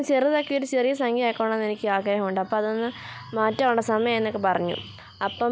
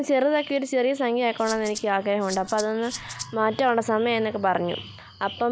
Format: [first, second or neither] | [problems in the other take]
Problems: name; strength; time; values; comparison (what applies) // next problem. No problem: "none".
first | background sound (Rattle (instrument)); 13 dB below the speech